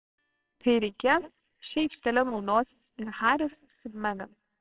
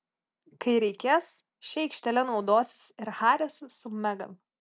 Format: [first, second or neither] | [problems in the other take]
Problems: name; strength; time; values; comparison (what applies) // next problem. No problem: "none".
second | noise reduction (neural separator model SepFormer WHAMR!)